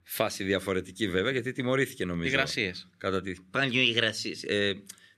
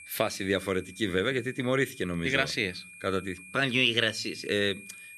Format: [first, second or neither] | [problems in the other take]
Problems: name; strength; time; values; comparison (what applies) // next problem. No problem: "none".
first | high-pitched whine; noticeable; throughout; 2.5 kHz, 20 dB below the speech